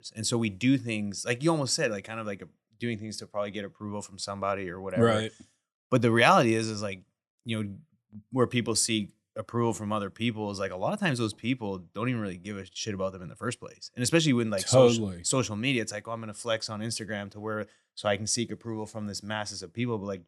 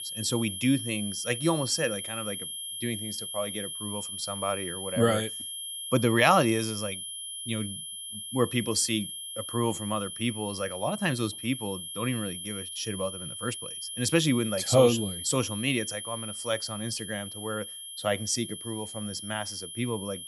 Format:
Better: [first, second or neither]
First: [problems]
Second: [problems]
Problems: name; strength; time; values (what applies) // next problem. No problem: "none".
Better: first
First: none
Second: high-pitched whine; loud; throughout; 3 kHz, 6 dB below the speech